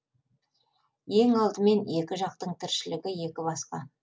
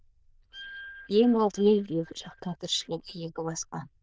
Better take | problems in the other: first | noise reduction (neural diffusion model UNIVERSE++)

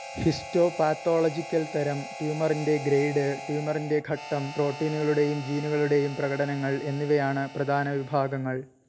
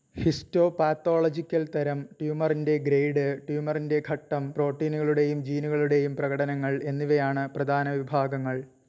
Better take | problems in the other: second | background sound (Harmonica); 14 dB below the speech

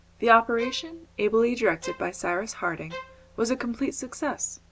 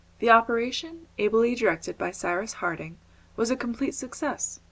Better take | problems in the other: second | background sound (Bowed string instrument); 16 dB below the speech

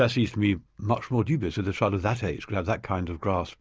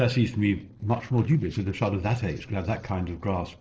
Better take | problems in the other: first | noise reduction (neural separator model SepFormer DNS4)

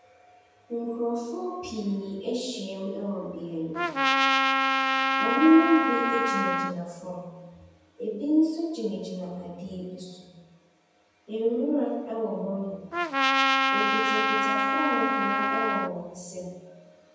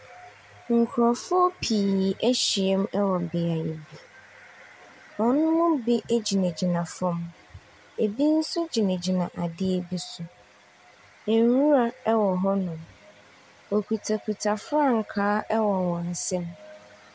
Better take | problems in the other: second | background sound (Trumpet); 4 dB above the speech // room echo; dies away in 1.1 s

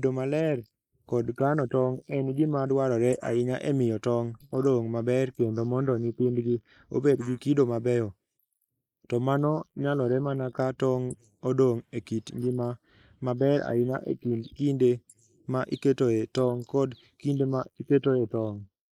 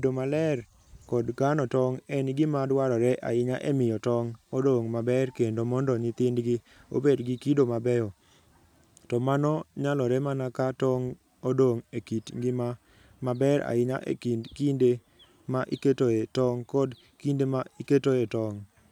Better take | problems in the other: second | noise reduction (neural mask model Resemble Enhance denoiser)

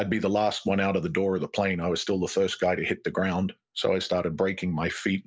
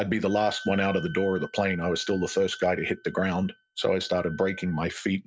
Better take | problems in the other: first | noise reduction (neural mask model RNNoise)

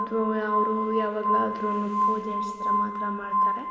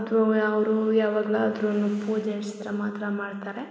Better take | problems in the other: second | background sound (Glass); 3 dB above the speech

